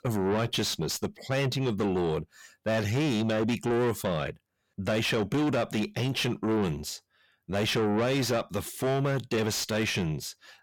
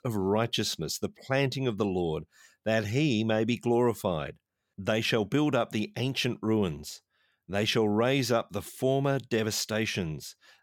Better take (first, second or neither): second